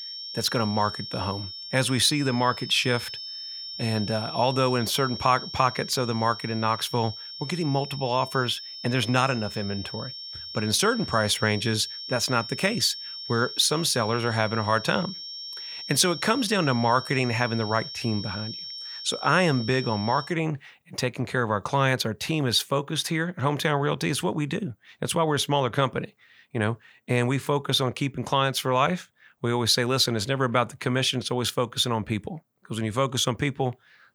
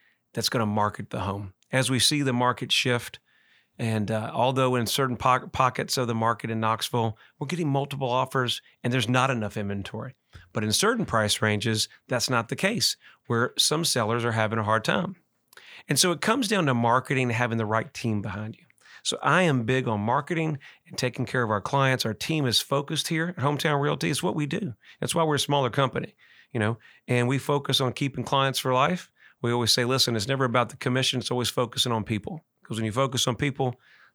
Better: second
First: high-pitched whine; loud; until 20 s; 5.5 kHz, 10 dB below the speech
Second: none

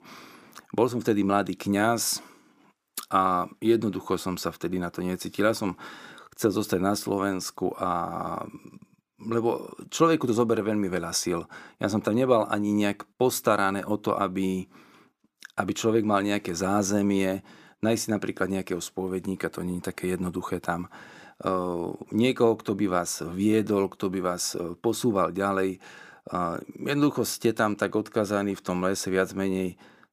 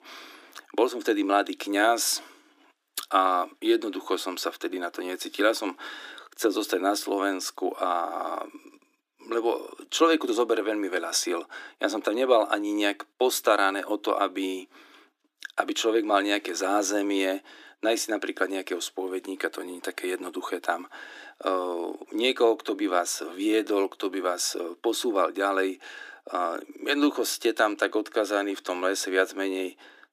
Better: first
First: none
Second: thin; somewhat; fading below 300 Hz

